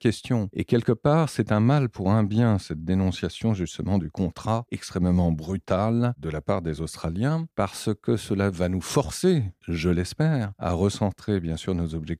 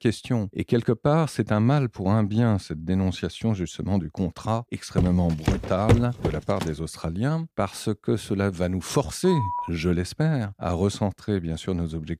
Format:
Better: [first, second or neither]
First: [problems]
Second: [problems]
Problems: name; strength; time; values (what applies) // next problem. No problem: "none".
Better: first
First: none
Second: footsteps; loud; from 5 to 6.5 s; peak 2 dB above the speech // phone ringing; noticeable; at 9.5 s; peak 4 dB below the speech